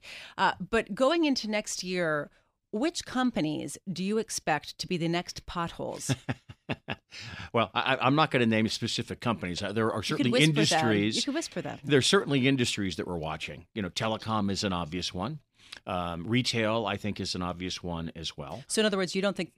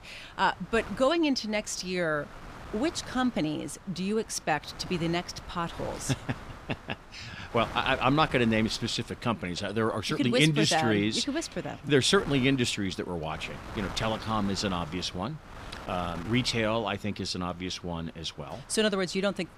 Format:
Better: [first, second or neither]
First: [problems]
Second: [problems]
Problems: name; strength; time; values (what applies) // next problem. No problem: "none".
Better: first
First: none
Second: wind noise on the microphone; occasional gusts; 15 dB below the speech